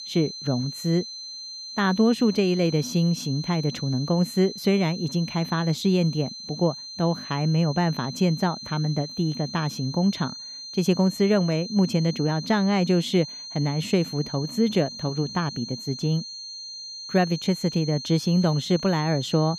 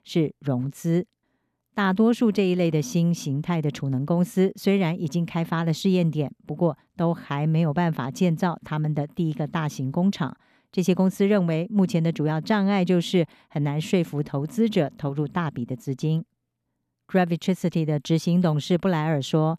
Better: second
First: high-pitched whine; noticeable; throughout; 4 kHz, 10 dB below the speech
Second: none

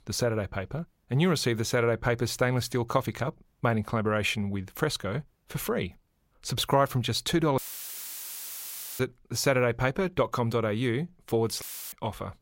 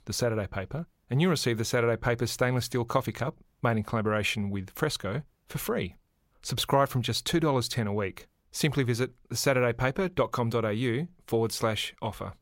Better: second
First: audio cutting out; filled with static; at 7.5 s for 1.5 s and at 12 s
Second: none

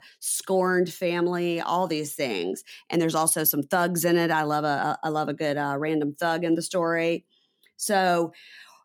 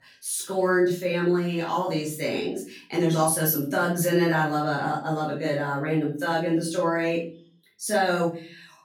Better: first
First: none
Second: off-mic speech; far // room echo; slight; dies away in 0.4 s

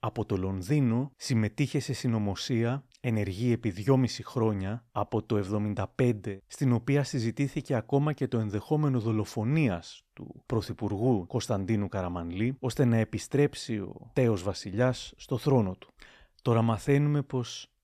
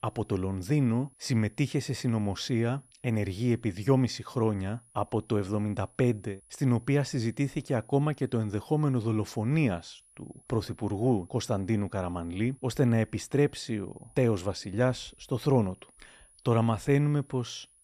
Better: first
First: none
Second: high-pitched whine; faint; throughout; 10.5 kHz, 30 dB below the speech

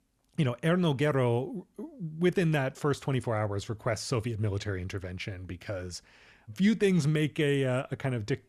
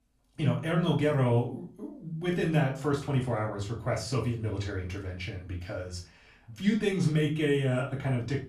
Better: first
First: none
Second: off-mic speech; far // room echo; slight; dies away in 0.3 s

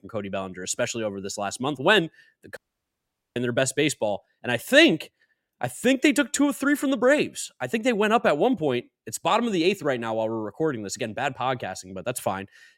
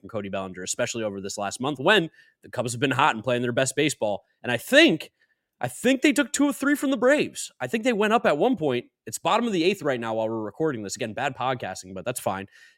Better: second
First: audio cutting out; at 2.5 s for 1 s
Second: none

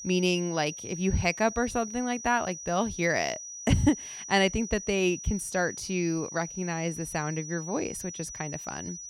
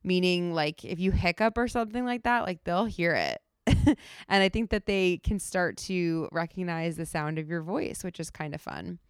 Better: second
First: high-pitched whine; loud; throughout; 6 kHz, 10 dB below the speech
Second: none

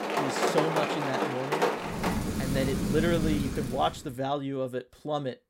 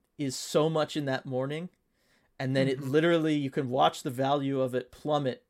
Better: second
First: rain or running water; very loud; until 4 s; 2 dB above the speech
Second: none

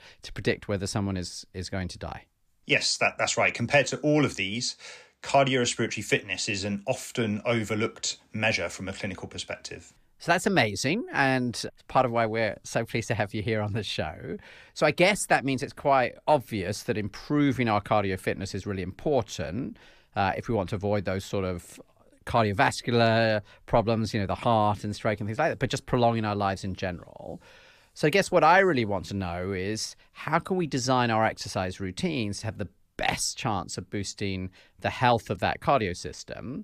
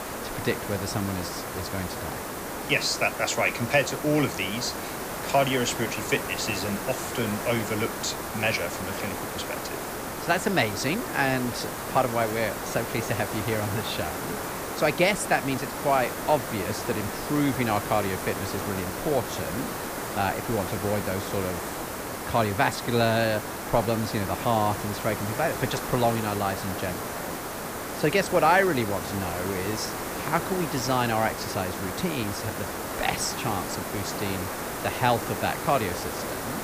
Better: first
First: none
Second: hiss; loud; throughout; 5 dB below the speech

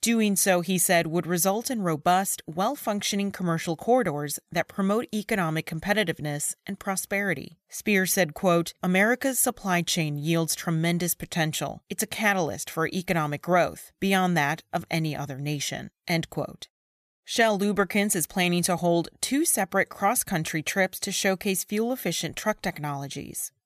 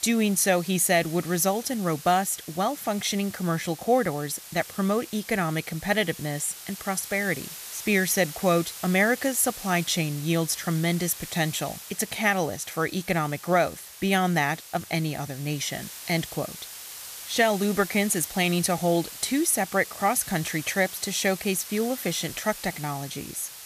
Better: first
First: none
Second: hiss; noticeable; throughout; 15 dB below the speech

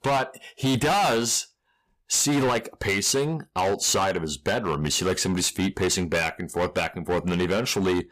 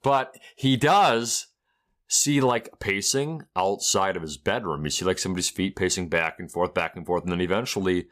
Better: second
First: distortion; heavy; 17% of the sound clipped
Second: none

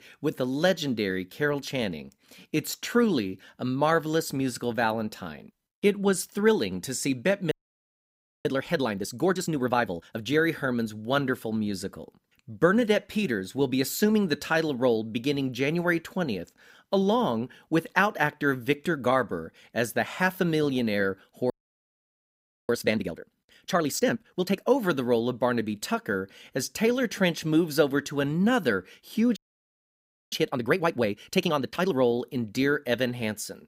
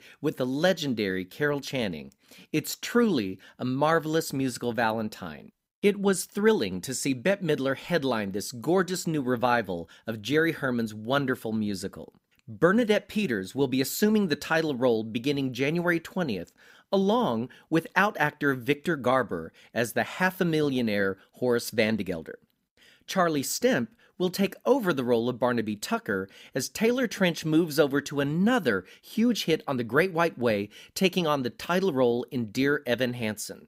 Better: second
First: audio freezing; at 7.5 s for 1 s, at 22 s for 1 s and at 29 s for 1 s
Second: none

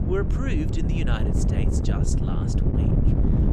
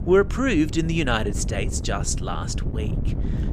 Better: second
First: wind noise on the microphone; heavy; 1 dB above the speech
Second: wind noise on the microphone; occasional gusts; 15 dB below the speech

